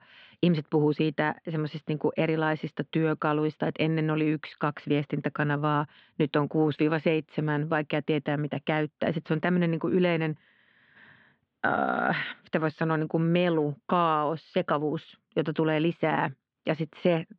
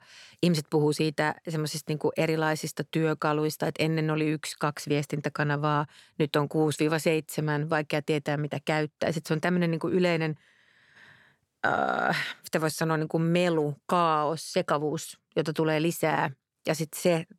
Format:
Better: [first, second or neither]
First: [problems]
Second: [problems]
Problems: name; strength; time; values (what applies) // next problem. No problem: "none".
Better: second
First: muffled; very; fading above 3.5 kHz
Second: none